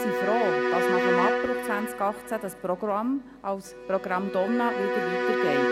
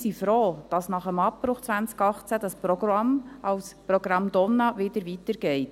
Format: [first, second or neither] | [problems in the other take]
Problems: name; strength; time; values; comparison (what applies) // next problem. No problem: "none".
second | background sound (Bowed string instrument); 1 dB above the speech